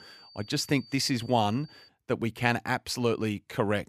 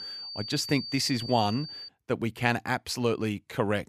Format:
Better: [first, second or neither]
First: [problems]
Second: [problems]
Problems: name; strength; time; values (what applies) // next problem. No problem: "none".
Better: first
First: high-pitched whine; faint; until 2 s; 4.5 kHz, 20 dB below the speech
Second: high-pitched whine; loud; until 2 s; 4.5 kHz, 8 dB below the speech